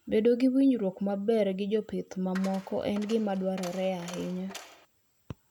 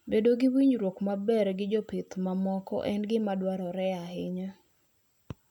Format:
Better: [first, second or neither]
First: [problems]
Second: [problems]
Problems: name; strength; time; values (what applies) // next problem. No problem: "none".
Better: second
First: background sound (Coin (dropping)); 18 dB below the speech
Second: none